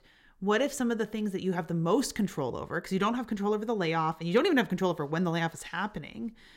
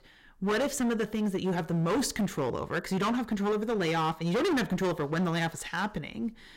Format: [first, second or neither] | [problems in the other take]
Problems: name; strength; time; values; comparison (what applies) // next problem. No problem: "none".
first | distortion; heavy; 17% of the sound clipped